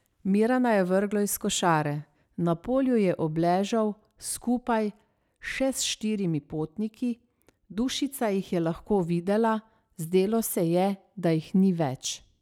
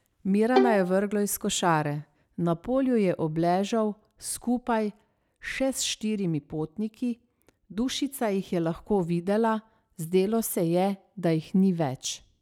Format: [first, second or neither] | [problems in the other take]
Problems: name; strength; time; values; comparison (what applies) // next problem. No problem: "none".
first | background sound (Bowed string instrument); 3 dB below the speech